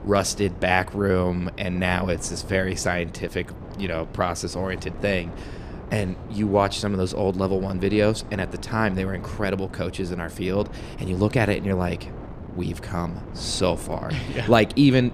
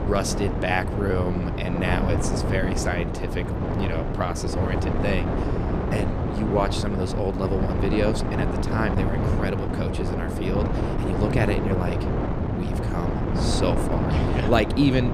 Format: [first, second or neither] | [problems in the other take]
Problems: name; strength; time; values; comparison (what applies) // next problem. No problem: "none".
first | wind noise on the microphone; heavy; 2 dB below the speech; occasional gusts in the first